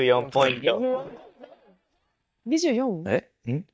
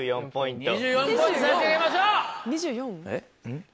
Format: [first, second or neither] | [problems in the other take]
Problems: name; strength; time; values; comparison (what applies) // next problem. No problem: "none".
second | noise reduction (neural mask model DeepFilterNet 3)